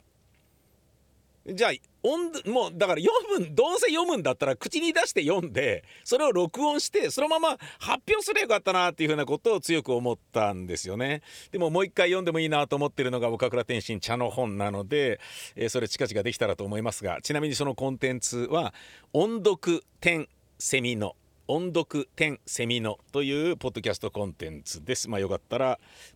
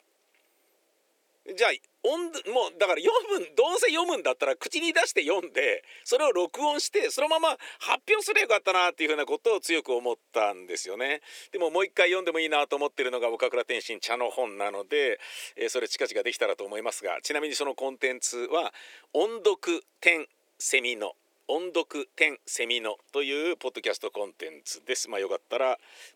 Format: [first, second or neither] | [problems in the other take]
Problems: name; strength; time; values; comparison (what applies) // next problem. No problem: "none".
first | thin; somewhat; fading below 350 Hz